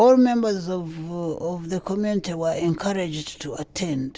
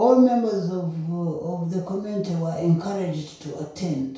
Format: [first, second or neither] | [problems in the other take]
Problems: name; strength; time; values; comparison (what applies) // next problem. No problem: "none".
first | room echo; dies away in 0.6 s